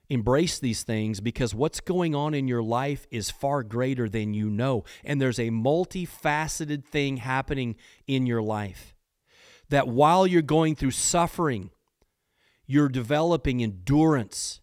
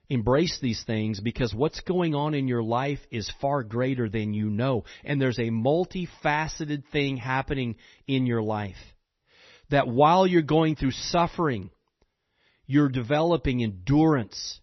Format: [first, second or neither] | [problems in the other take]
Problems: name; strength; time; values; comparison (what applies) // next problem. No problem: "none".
first | garbled, watery; slightly; nothing above 6 kHz